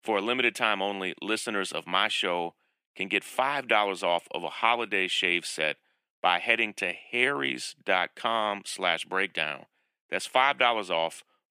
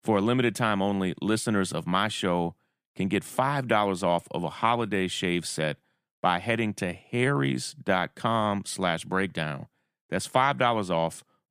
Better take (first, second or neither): second